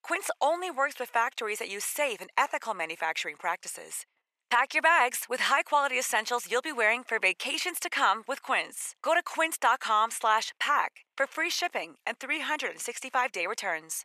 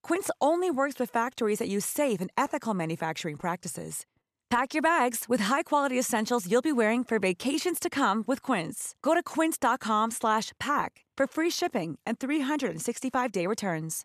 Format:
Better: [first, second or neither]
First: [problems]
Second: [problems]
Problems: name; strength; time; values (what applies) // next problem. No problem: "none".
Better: second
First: thin; very; fading below 700 Hz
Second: none